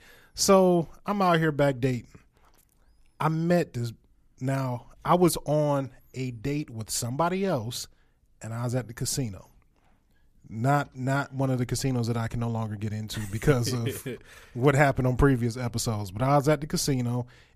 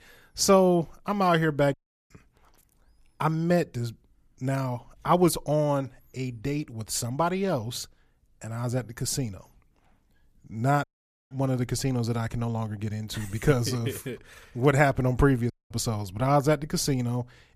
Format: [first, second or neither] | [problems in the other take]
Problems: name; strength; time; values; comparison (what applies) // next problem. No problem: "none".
first | audio cutting out; at 1.5 s, at 11 s and at 16 s